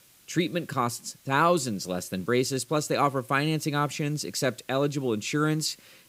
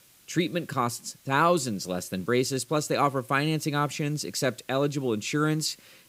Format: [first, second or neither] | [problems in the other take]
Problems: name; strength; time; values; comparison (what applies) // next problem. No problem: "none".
neither | hiss; faint; throughout; 30 dB below the speech; the same in both